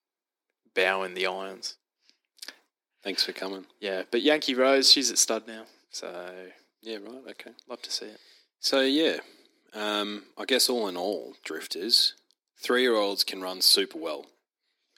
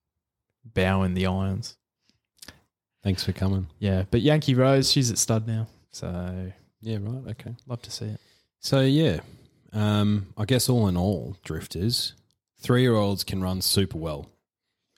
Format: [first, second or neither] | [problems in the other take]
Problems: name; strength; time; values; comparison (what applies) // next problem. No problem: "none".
second | thin; somewhat; fading below 300 Hz